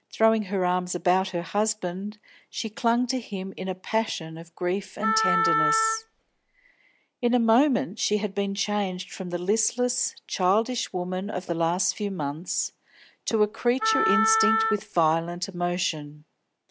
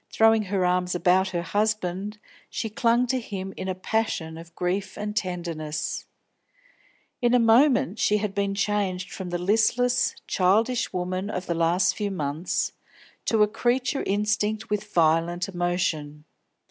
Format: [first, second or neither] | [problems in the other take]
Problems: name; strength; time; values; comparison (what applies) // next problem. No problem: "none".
second | background sound (Wind instrument, woodwind instrument); as loud as the speech